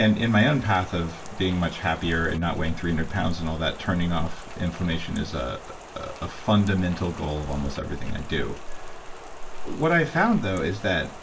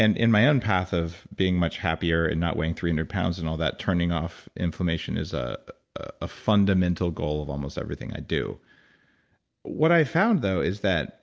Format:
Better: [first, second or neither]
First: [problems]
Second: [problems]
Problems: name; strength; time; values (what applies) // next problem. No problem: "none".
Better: second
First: background sound (Rain); 8 dB below the speech // room echo; dies away in 0.2 s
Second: none